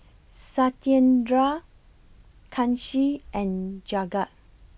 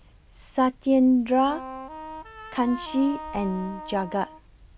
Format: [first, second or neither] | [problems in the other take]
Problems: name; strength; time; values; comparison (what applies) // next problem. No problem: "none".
first | background sound (Wind instrument, woodwind instrument); 13 dB below the speech